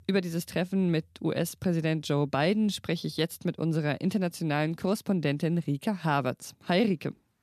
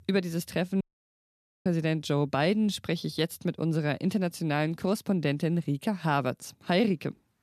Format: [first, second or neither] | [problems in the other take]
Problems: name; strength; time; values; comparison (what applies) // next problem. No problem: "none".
first | audio cutting out; at 1 s for 1 s